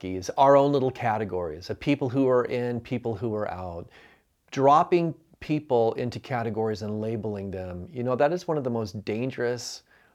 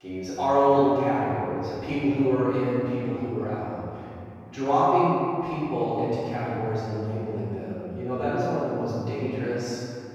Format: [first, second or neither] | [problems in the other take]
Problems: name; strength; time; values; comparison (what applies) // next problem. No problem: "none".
first | off-mic speech; far // room echo; strong; dies away in 2.4 s